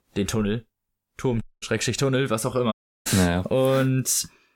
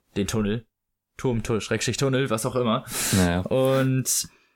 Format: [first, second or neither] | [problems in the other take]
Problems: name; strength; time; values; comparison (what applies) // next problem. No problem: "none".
second | audio cutting out; at 1.5 s and at 2.5 s